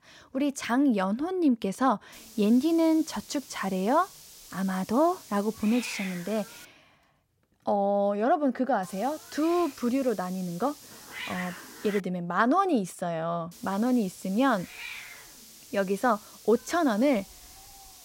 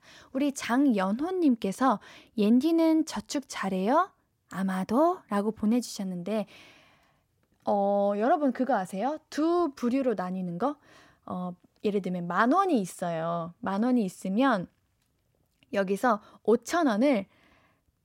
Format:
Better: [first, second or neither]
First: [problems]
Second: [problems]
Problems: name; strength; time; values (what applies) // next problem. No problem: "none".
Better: second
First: hiss; noticeable; from 2 to 6.5 s, from 9 to 12 s and from 14 s on; 15 dB below the speech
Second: none